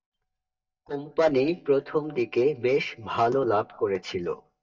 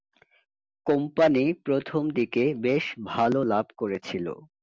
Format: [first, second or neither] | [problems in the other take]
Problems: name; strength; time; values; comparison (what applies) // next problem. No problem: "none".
second | noise reduction (neural mask model DeepFilterNet 3)